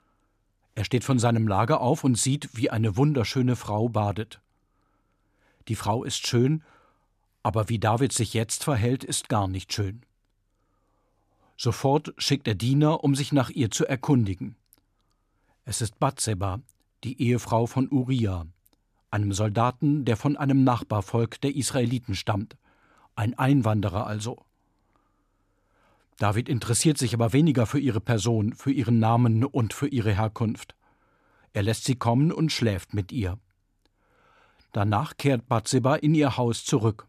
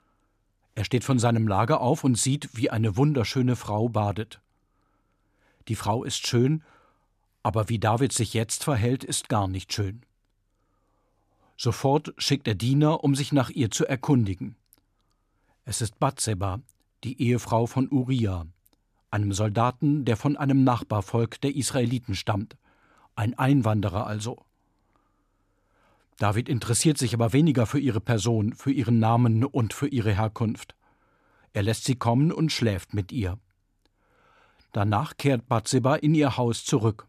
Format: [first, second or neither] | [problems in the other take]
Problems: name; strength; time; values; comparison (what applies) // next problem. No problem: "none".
neither | none